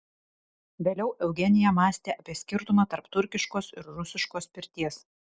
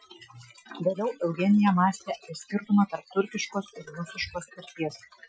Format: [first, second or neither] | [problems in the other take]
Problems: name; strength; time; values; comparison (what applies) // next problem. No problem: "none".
first | noise reduction (classical method Wiener filter)